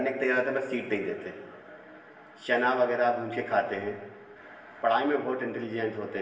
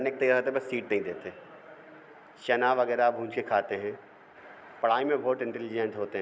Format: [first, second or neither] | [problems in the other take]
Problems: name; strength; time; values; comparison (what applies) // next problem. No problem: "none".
second | room echo; dies away in 1.1 s